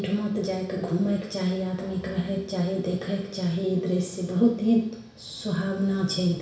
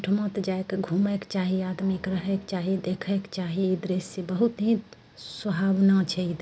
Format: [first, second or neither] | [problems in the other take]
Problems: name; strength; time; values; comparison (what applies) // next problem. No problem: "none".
second | room echo; dies away in 0.7 s